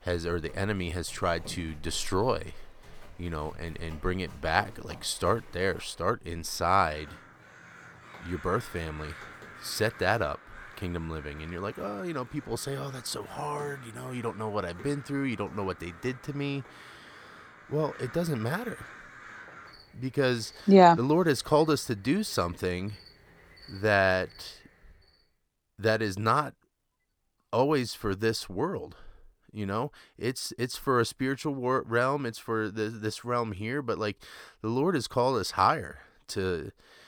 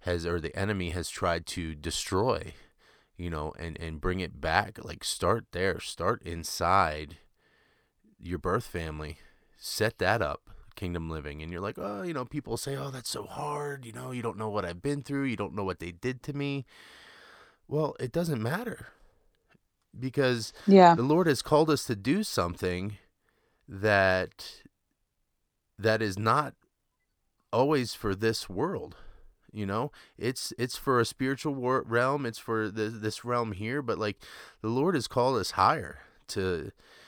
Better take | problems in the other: second | animal sounds; noticeable; until 25 s; 20 dB below the speech

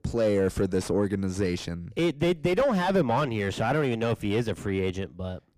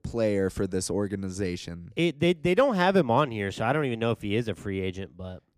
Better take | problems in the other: second | distortion; heavy; 7 dB below the speech

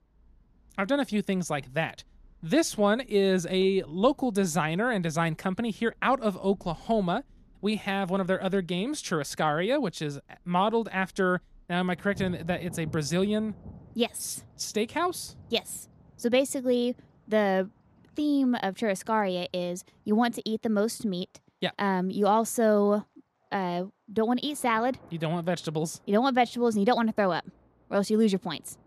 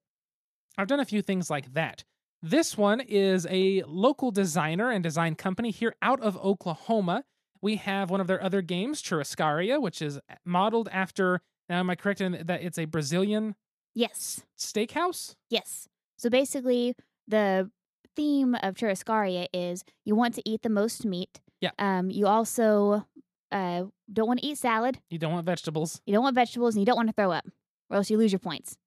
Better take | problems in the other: second | rain or running water; faint; throughout; 25 dB below the speech

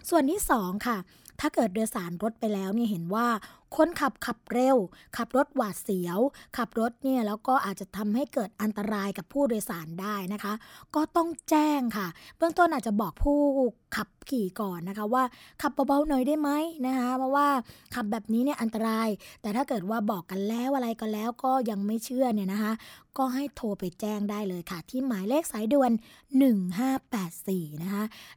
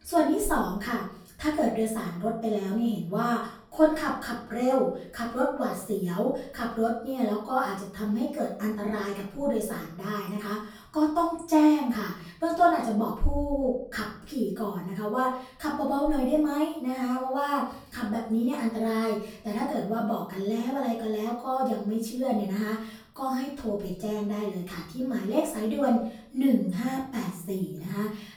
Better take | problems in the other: first | room echo; noticeable; dies away in 0.6 s // off-mic speech; far

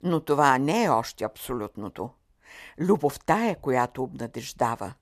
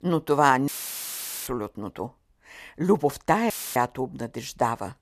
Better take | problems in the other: first | audio cutting out; filled with static; at 0.5 s for 1 s and at 3.5 s

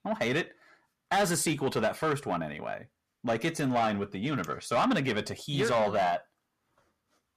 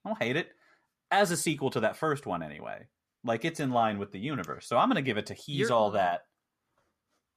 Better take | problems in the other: second | distortion; slight; 10 dB below the speech

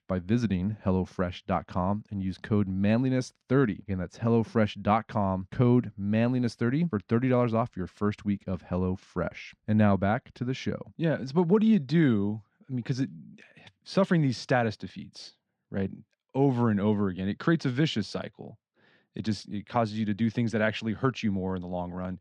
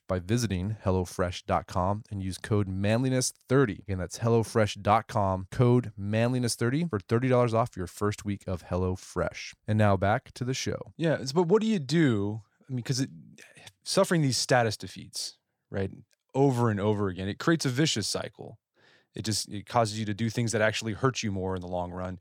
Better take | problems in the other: second | muffled; slightly; fading above 3 kHz

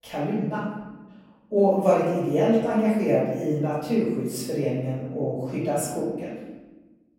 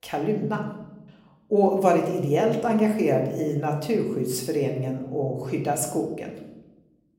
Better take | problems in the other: second | room echo; strong; dies away in 1.1 s; slight in the second // off-mic speech; far; somewhat distant in the second

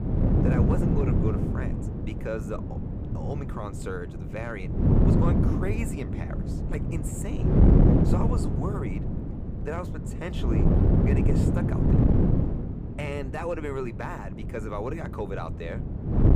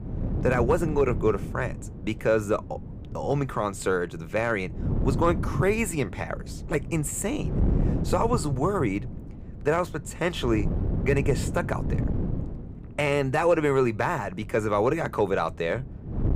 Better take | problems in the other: second | wind noise on the microphone; heavy; 3 dB above the speech; occasional gusts in the second

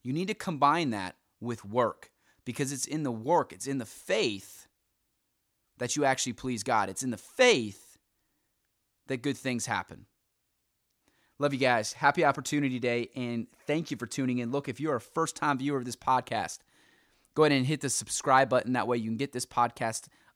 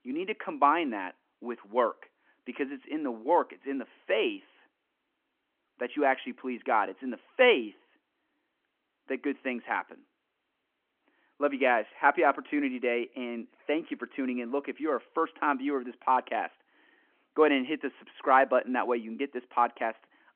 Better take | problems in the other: first | phone-call audio

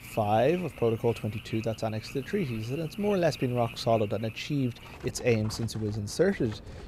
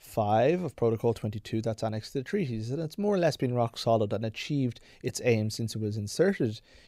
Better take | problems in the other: second | animal sounds; noticeable; throughout; 15 dB below the speech

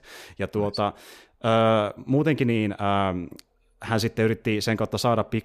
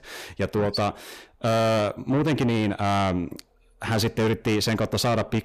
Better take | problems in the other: first | distortion; heavy; 7 dB below the speech

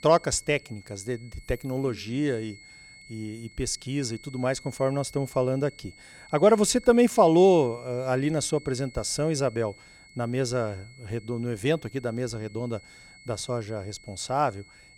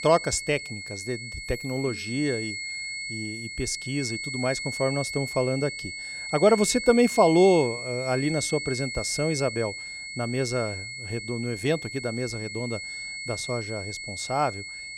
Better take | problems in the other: first | high-pitched whine; loud; throughout; 2 kHz, 7 dB below the speech; faint in the first

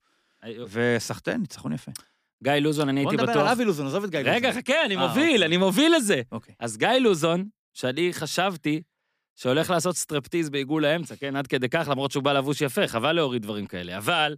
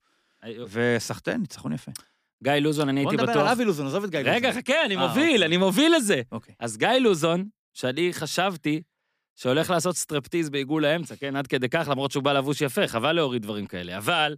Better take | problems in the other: neither | none

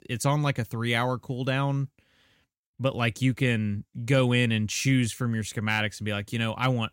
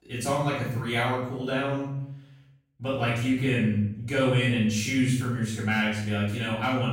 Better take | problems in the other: first | off-mic speech; far // room echo; noticeable; dies away in 0.6 s

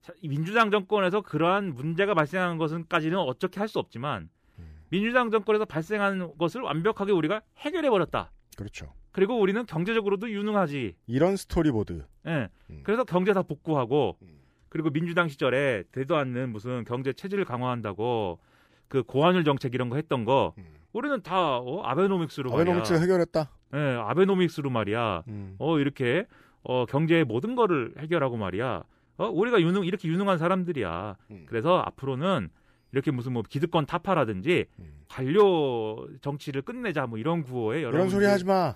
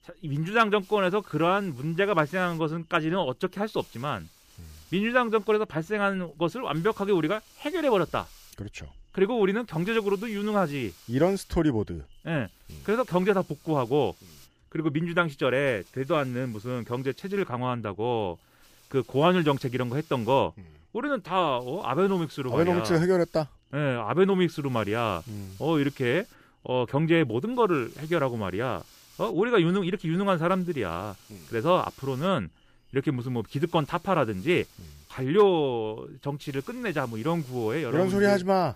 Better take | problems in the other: first | hiss; faint; throughout; 25 dB below the speech

